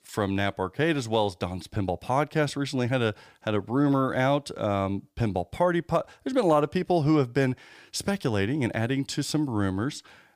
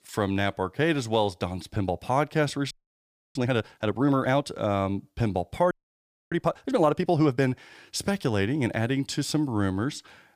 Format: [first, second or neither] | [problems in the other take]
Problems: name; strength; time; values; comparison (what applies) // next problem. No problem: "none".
first | audio freezing; at 2.5 s for 0.5 s and at 5.5 s for 0.5 s